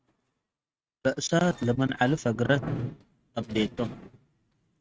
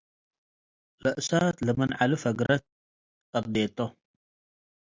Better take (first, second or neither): second